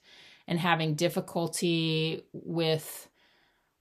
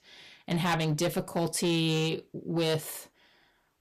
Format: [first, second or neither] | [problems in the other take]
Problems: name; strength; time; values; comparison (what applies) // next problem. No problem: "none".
first | distortion; slight; 8% of the sound clipped